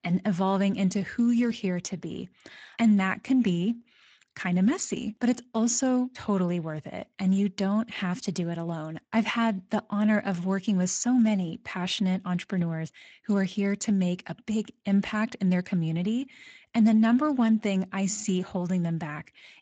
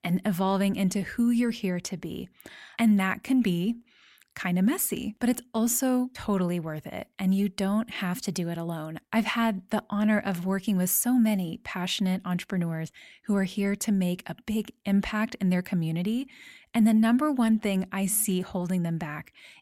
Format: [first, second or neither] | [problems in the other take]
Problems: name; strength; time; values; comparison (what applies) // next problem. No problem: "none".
second | garbled, watery; slightly; nothing above 7.5 kHz